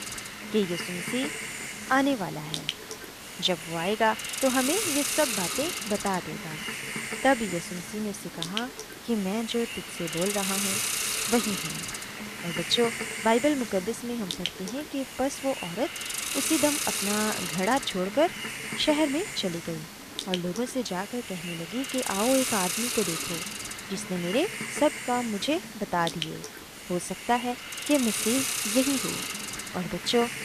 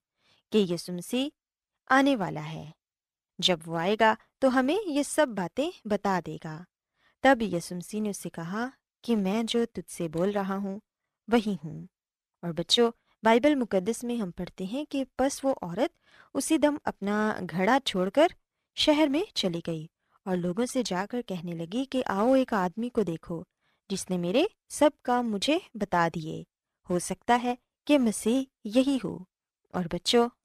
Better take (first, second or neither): second